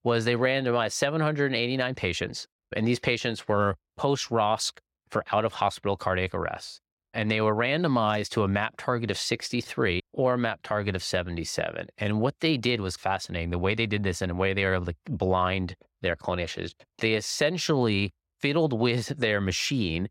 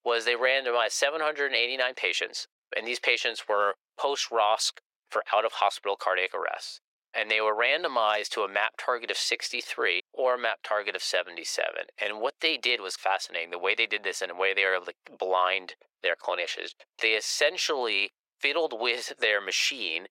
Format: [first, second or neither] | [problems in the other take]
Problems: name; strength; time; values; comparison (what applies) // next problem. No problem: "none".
first | thin; very; fading below 450 Hz